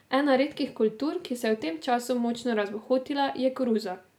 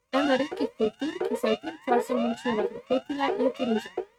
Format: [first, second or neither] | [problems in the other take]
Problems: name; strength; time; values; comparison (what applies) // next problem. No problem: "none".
first | noise reduction (neural mask model RNNoise)